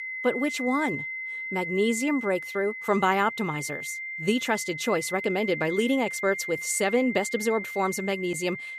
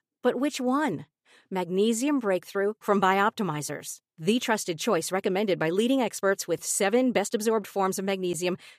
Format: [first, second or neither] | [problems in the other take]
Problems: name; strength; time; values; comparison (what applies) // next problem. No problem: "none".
second | high-pitched whine; loud; throughout; 2 kHz, 6 dB below the speech